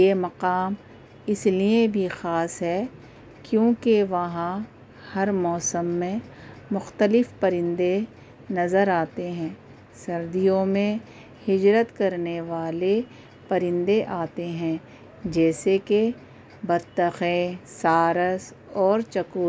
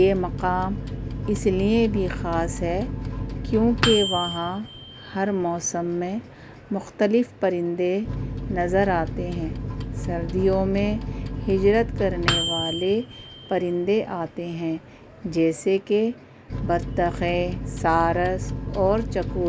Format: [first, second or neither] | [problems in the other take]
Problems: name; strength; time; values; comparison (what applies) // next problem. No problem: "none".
first | background sound (Microwave oven); 6 dB below the speech